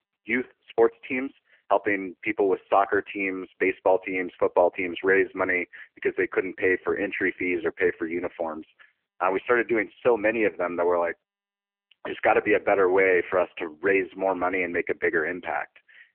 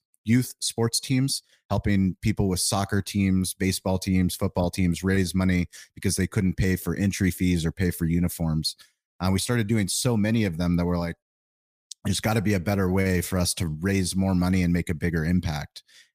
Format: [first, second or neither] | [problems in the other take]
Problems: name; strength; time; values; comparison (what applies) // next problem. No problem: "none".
second | phone-call audio; poor line